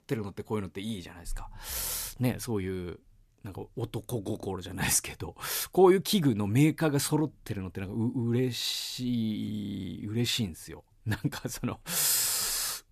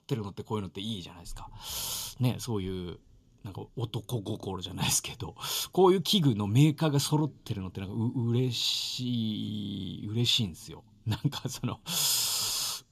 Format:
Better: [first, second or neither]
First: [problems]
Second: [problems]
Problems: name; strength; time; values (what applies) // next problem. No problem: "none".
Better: first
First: none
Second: room echo; very slight; dies away in 3 s